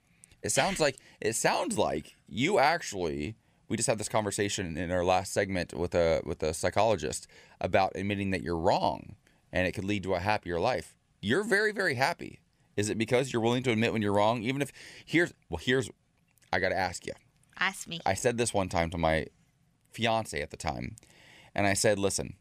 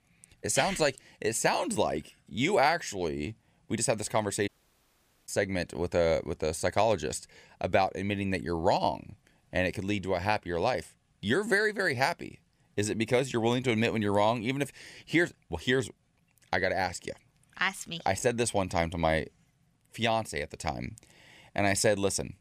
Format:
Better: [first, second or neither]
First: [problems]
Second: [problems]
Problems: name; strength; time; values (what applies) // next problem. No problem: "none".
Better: first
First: none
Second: audio cutting out; at 4.5 s for 1 s